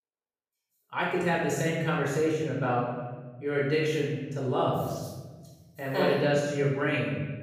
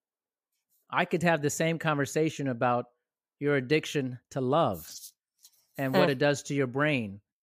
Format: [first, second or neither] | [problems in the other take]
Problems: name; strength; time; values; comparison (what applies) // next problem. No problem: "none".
second | off-mic speech; far // room echo; strong; dies away in 1.5 s